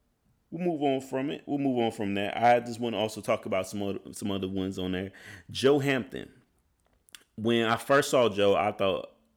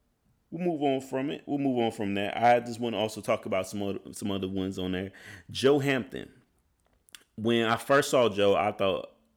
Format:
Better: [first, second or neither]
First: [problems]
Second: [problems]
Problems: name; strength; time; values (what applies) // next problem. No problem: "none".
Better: neither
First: none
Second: none